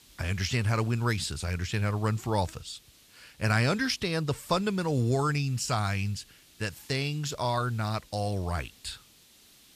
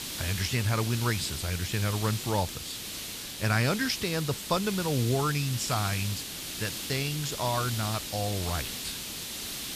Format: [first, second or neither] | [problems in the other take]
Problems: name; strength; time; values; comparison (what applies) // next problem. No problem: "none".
first | hiss; loud; throughout; 5 dB below the speech; faint in the first